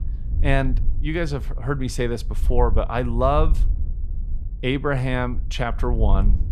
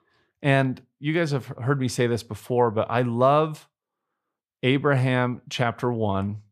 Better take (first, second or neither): second